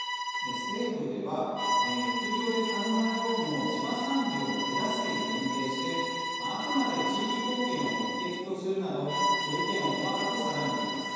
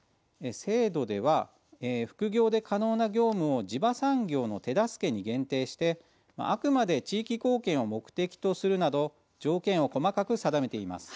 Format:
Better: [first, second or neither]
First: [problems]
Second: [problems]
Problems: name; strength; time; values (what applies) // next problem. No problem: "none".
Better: second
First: background sound (Bowed string instrument); 1 dB below the speech // room echo; dies away in 2.1 s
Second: none